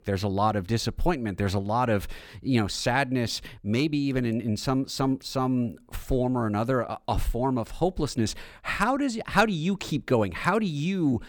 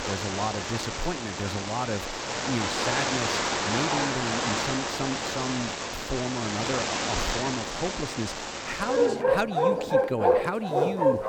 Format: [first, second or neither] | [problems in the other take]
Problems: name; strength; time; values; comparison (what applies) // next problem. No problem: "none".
first | animal sounds; very loud; throughout; 5 dB above the speech